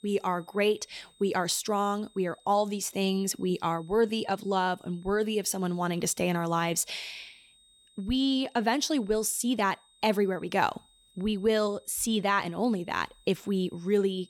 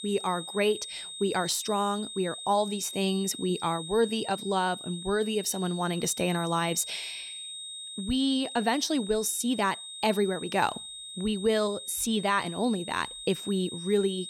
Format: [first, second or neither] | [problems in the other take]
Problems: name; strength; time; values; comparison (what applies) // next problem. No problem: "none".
first | high-pitched whine; loud; throughout; 3.5 kHz, 9 dB below the speech; faint in the first